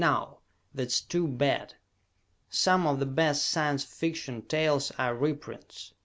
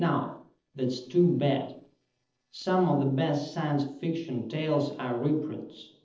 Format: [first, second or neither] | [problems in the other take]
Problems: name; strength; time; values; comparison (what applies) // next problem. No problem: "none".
first | noise reduction (neural separator model SepFormer DNS4)